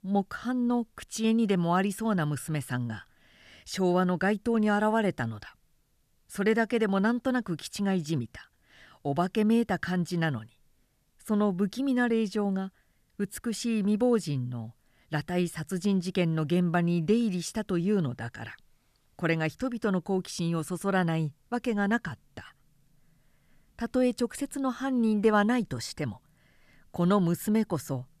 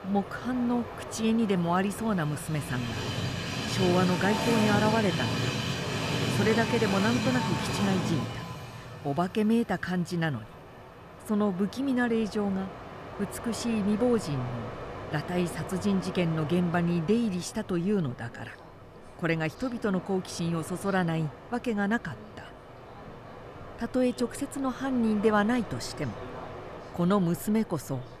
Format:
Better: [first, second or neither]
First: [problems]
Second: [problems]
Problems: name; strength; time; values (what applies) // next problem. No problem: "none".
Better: first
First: none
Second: train or aircraft noise; loud; throughout; 6 dB below the speech